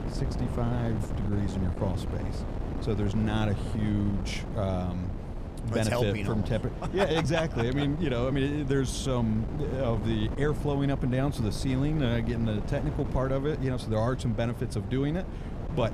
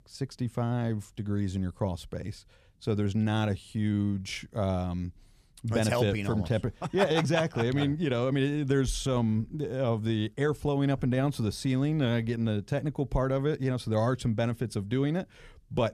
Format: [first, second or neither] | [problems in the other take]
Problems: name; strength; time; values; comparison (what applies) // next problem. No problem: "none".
second | wind noise on the microphone; heavy; 9 dB below the speech